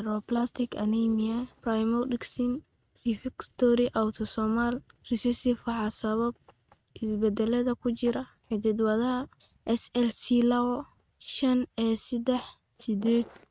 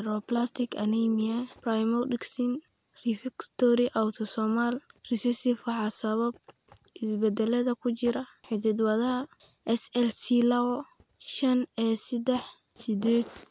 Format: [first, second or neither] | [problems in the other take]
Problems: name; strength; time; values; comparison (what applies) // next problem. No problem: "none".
second | noise reduction (neural mask model RNNoise)